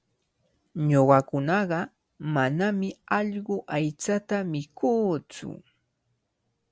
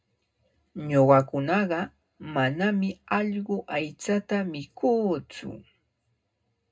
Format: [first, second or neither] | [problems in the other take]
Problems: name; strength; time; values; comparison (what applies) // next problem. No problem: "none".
first | room echo; dies away in 0.2 s